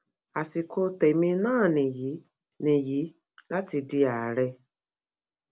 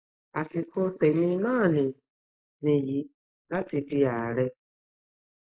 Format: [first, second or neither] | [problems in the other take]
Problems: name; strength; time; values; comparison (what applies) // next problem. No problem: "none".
first | noise reduction (neural mask model Resemble Enhance denoiser)